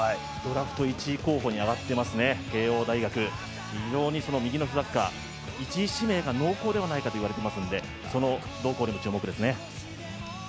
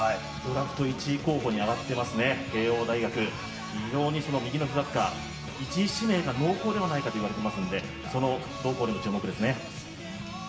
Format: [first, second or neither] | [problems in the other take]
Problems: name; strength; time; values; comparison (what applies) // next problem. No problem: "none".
first | room echo; dies away in 0.9 s